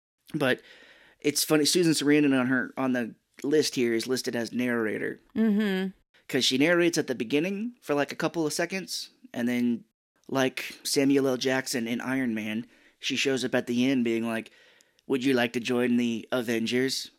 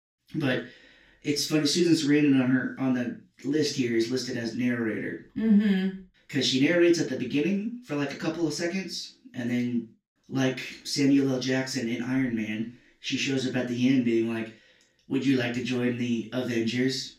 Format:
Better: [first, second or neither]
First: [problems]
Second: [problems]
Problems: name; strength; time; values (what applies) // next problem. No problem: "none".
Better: first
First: none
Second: room echo; noticeable; dies away in 0.3 s // off-mic speech; far